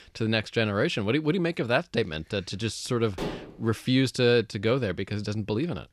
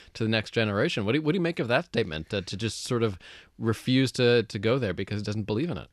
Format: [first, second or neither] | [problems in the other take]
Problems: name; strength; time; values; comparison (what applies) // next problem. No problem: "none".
second | clattering dishes; noticeable; at 3 s; peak 8 dB below the speech